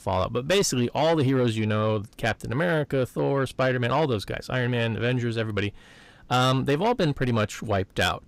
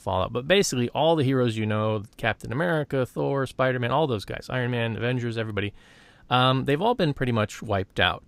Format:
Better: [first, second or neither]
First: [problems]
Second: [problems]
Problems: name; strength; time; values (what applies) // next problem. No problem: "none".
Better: second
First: distortion; slight; 10 dB below the speech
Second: none